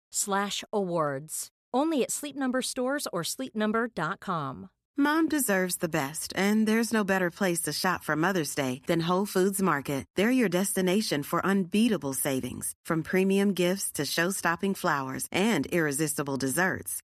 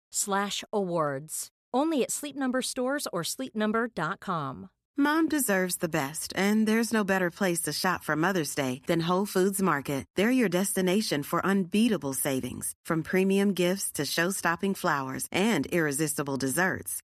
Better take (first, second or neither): neither